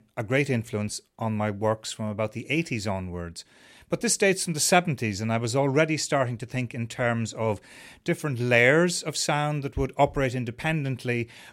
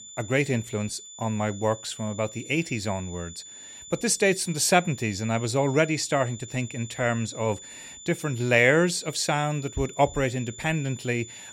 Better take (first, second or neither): first